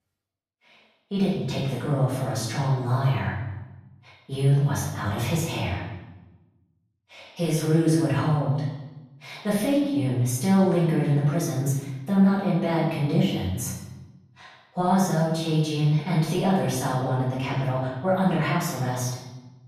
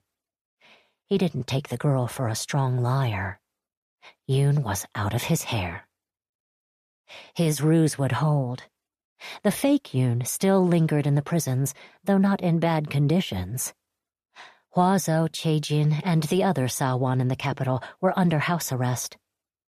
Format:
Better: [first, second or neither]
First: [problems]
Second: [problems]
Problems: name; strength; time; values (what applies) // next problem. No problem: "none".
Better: second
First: off-mic speech; far // room echo; noticeable; dies away in 0.9 s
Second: none